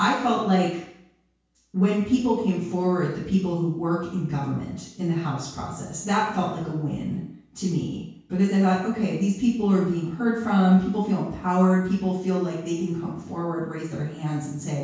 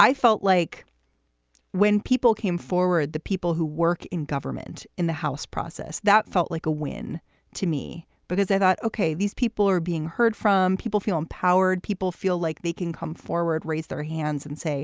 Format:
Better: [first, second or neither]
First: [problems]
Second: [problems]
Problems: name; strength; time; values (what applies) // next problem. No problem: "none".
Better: second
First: room echo; dies away in 0.6 s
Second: none